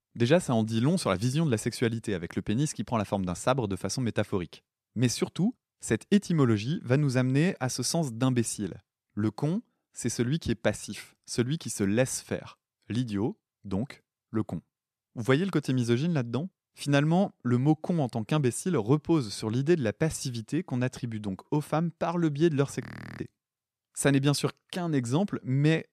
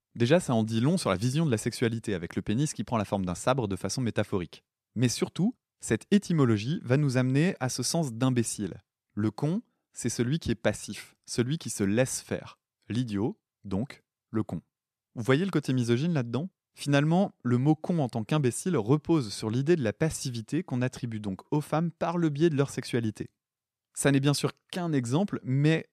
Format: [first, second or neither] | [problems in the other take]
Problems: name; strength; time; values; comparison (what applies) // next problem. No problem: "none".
second | audio freezing; at 23 s